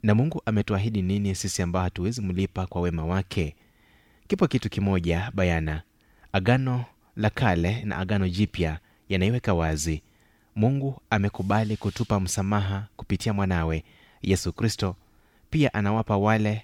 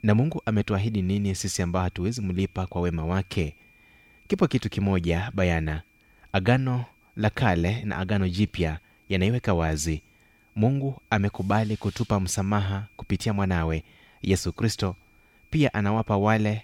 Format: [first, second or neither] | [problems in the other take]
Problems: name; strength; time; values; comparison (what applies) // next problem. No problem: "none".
first | high-pitched whine; faint; throughout; 2.5 kHz, 35 dB below the speech